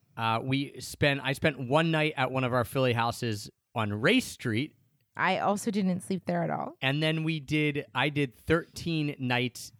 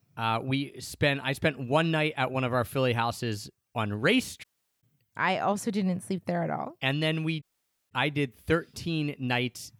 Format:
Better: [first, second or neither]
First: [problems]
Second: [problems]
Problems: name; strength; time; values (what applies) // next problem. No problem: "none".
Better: first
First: none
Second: audio cutting out; at 4.5 s and at 7.5 s